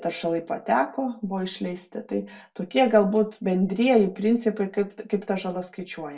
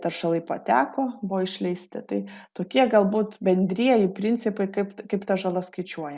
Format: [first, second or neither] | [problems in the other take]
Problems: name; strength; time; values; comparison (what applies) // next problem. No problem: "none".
second | room echo; dies away in 0.1 s